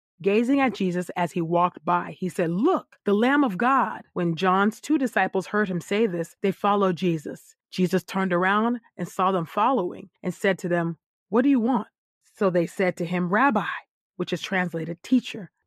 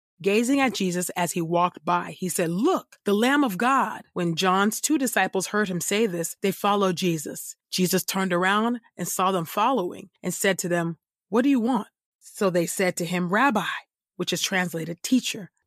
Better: second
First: muffled; slightly; fading above 3.5 kHz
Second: none

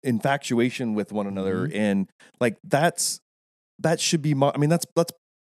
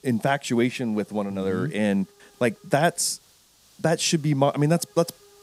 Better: first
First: none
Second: hiss; faint; throughout; 30 dB below the speech

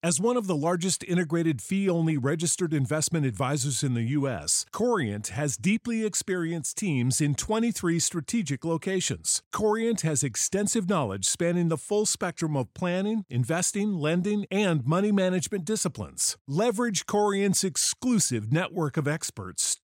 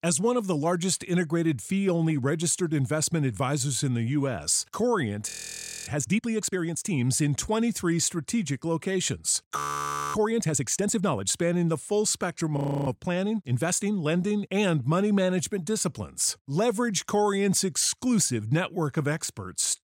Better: first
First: none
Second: audio freezing; at 5.5 s for 0.5 s, at 9.5 s for 0.5 s and at 13 s

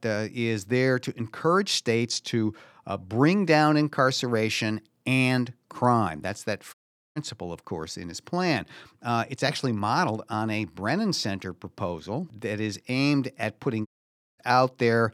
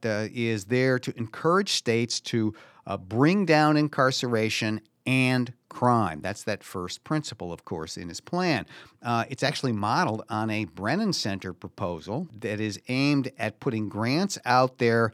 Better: second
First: audio cutting out; at 6.5 s and at 14 s for 0.5 s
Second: none

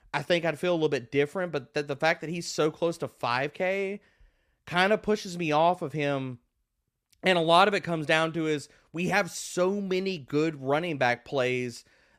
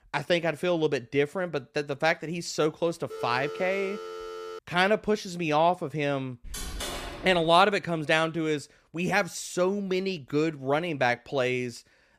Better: first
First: none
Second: phone ringing; noticeable; from 3 to 4.5 s; peak 10 dB below the speech // door banging; noticeable; from 6.5 to 7.5 s; peak 7 dB below the speech

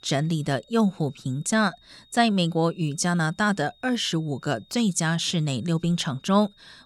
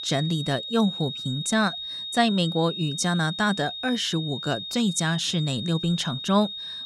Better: first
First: high-pitched whine; faint; throughout; 3.5 kHz, 30 dB below the speech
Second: high-pitched whine; loud; throughout; 3.5 kHz, 7 dB below the speech

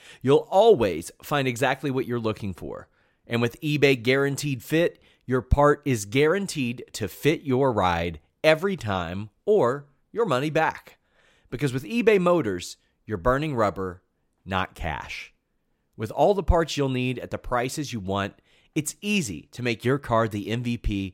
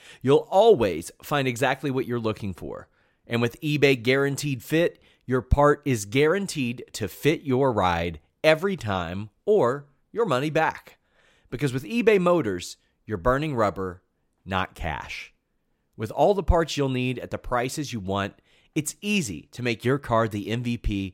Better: neither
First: none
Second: none

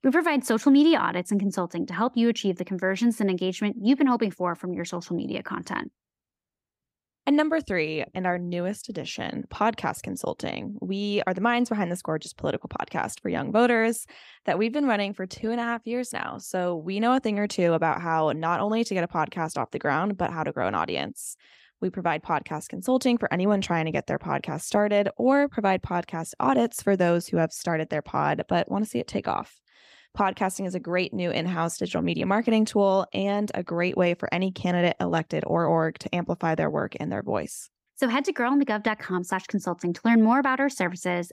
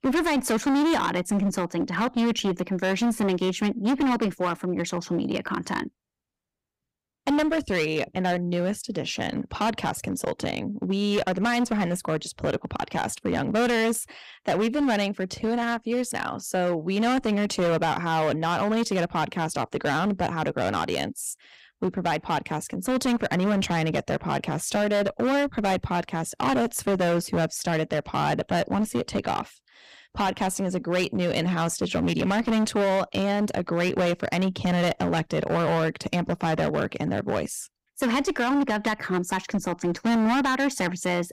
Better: first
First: none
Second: distortion; heavy; 16% of the sound clipped

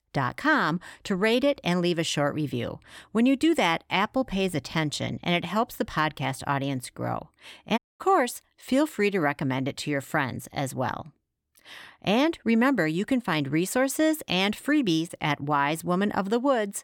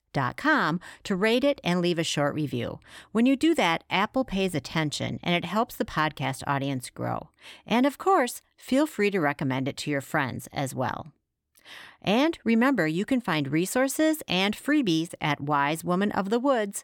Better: second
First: audio cutting out; at 8 s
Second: none

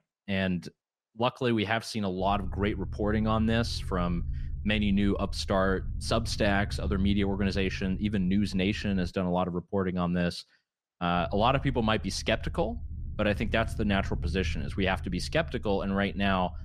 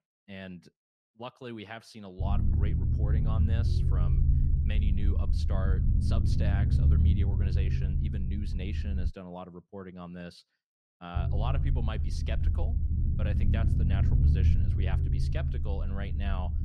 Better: first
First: low rumble; faint; from 2 to 9 s and from 11 s on; 25 dB below the speech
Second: low rumble; loud; from 2 to 9 s and from 11 s on; as loud as the speech

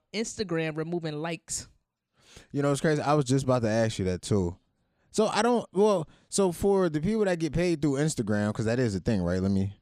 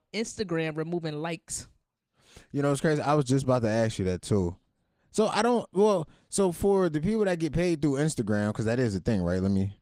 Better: first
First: none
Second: garbled, watery; slightly; nothing above 15.5 kHz

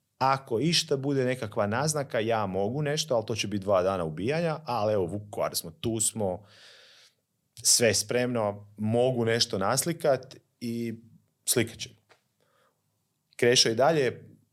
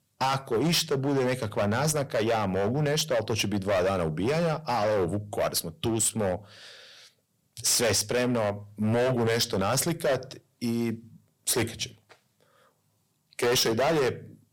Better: first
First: none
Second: distortion; heavy; 15% of the sound clipped

